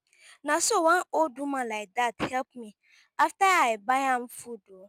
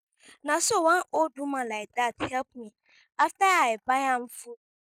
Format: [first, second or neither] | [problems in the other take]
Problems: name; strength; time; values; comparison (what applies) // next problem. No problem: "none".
first | noise reduction (neural mask model Resemble Enhance denoiser)